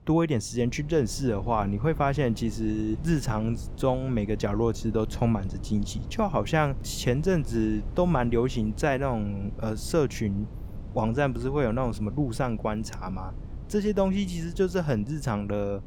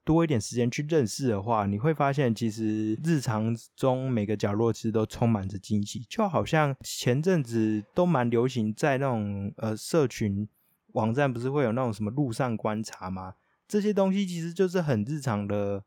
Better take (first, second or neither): second